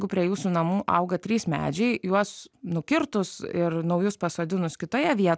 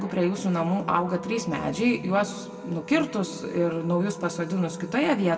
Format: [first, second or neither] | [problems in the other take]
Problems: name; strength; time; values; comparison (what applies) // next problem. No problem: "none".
first | background sound (Wind instrument, woodwind instrument); 16 dB below the speech // room echo; dies away in 1.7 s